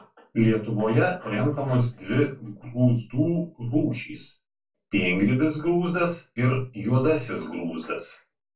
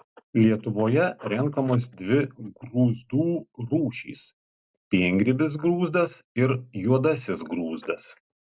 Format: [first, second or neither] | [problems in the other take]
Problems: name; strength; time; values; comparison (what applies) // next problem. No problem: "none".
second | room echo; dies away in 0.2 s